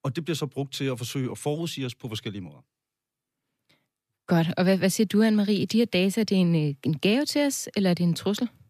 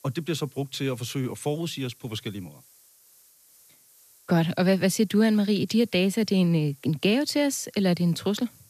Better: first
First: none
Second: hiss; faint; throughout; 30 dB below the speech

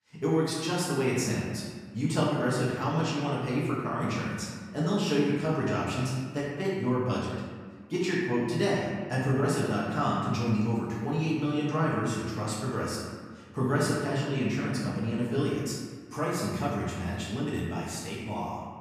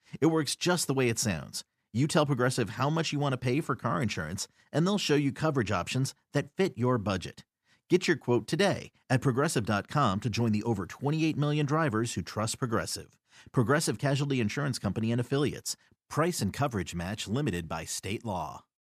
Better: second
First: room echo; noticeable; dies away in 1.4 s // off-mic speech; far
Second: none

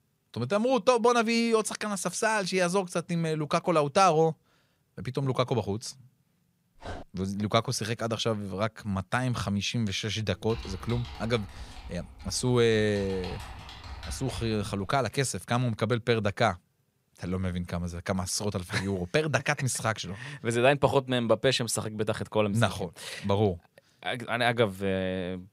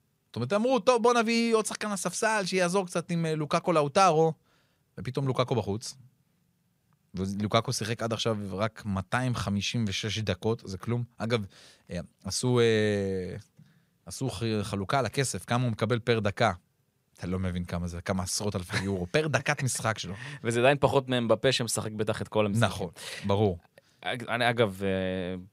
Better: second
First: dog barking; faint; at 7 s; peak 15 dB below the speech // keyboard typing; faint; from 10 to 15 s; peak 15 dB below the speech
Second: none

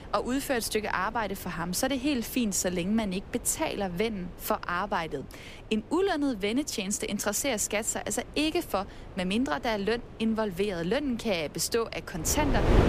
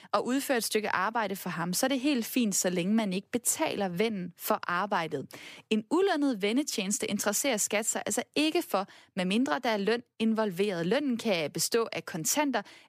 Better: second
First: wind noise on the microphone; occasional gusts; 15 dB below the speech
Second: none

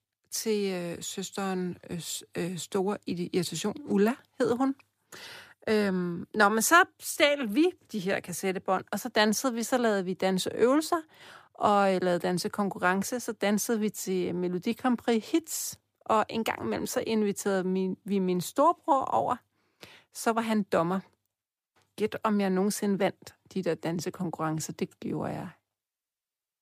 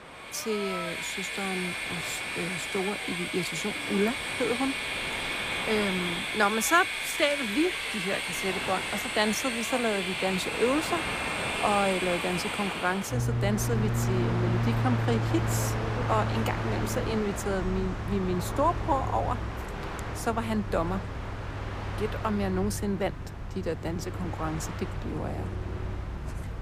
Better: first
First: none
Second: train or aircraft noise; loud; throughout; 1 dB below the speech

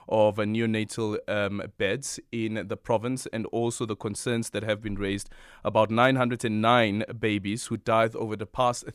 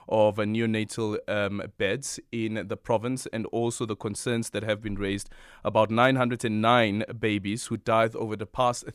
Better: neither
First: none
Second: none

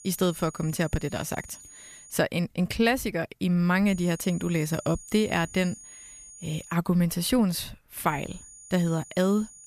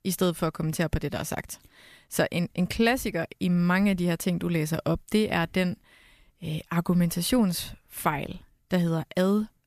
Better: second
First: high-pitched whine; noticeable; until 2 s, from 4 to 6.5 s and from 8 s on; 7 kHz, 20 dB below the speech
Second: none

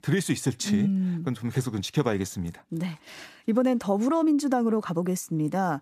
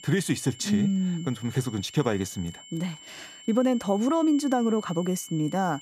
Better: first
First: none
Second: high-pitched whine; noticeable; throughout; 3 kHz, 20 dB below the speech

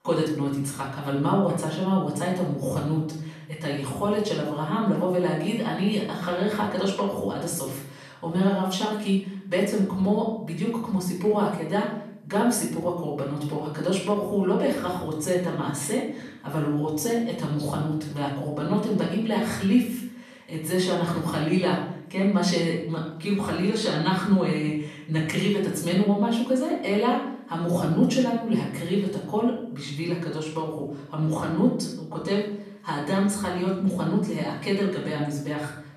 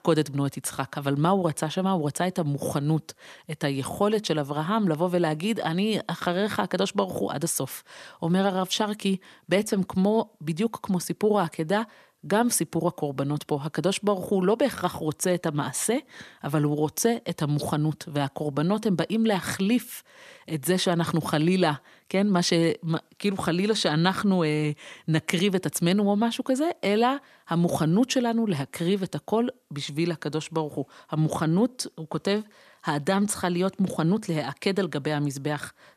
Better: second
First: off-mic speech; far // room echo; noticeable; dies away in 0.6 s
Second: none

